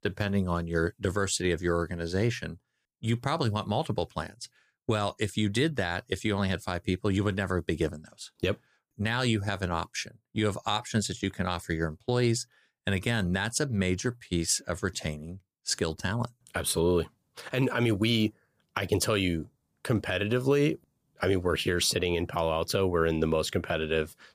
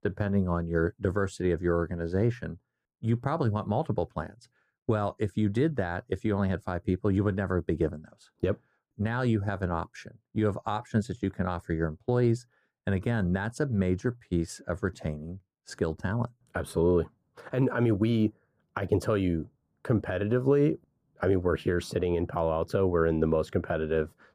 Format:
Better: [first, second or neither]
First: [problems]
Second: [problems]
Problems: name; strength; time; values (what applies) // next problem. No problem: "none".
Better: first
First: none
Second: muffled; slightly; fading above 1.5 kHz